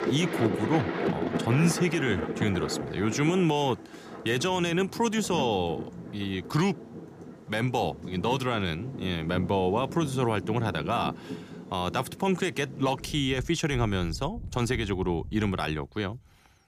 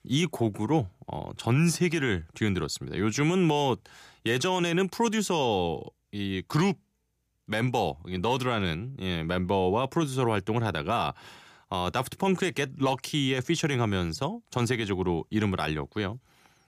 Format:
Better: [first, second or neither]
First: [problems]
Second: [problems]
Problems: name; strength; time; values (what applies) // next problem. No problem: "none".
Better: second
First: rain or running water; loud; throughout; 8 dB below the speech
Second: none